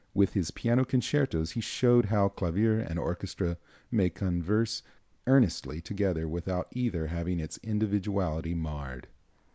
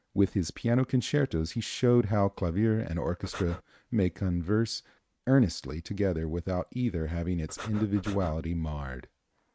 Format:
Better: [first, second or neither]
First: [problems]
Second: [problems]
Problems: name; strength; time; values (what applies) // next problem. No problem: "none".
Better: first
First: none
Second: noise reduction (neural mask model RNNoise)